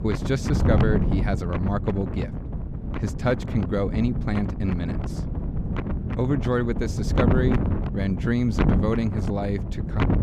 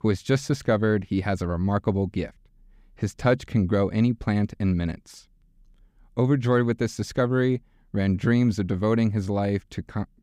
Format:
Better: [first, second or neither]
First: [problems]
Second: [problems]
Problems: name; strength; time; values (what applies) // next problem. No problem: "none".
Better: second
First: wind noise on the microphone; heavy; 4 dB below the speech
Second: none